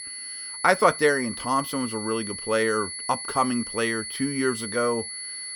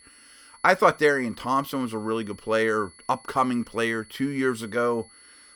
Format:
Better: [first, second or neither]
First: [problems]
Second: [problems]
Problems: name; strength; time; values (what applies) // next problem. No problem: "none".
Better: second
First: high-pitched whine; loud; throughout; 10 kHz, 7 dB below the speech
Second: high-pitched whine; faint; throughout; 10 kHz, 25 dB below the speech